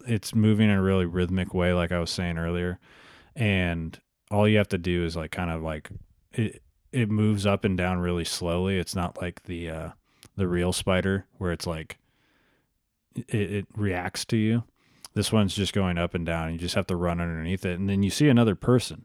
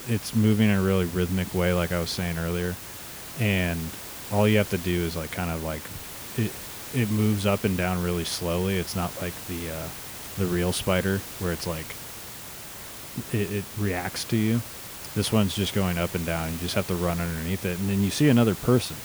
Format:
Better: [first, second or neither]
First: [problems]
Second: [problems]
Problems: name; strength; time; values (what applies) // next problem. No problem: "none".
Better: first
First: none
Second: hiss; noticeable; throughout; 10 dB below the speech